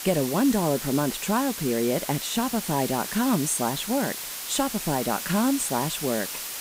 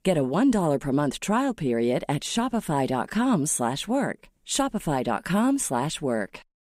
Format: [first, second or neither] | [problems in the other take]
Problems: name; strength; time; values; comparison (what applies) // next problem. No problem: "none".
second | hiss; loud; throughout; 6 dB below the speech